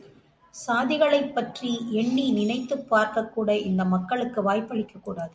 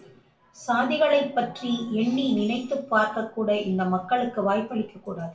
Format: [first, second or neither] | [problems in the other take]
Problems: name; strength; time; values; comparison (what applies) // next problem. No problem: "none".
first | room echo; dies away in 0.3 s